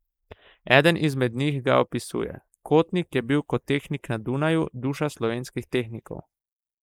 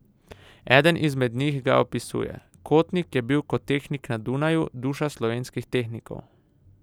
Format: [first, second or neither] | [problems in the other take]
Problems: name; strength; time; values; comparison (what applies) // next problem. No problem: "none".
second | noise reduction (neural mask model Resemble Enhance denoiser)